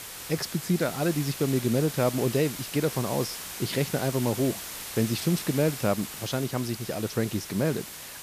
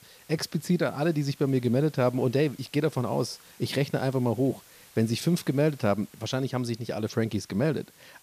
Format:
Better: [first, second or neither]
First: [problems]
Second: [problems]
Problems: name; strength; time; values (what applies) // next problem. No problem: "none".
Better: second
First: hiss; loud; throughout; 8 dB below the speech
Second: hiss; faint; throughout; 25 dB below the speech